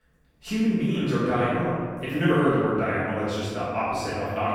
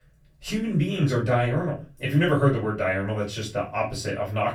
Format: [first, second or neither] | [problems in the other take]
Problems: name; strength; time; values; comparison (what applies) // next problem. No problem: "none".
second | room echo; strong; dies away in 1.5 s; slight in the second // off-mic speech; far; far in the second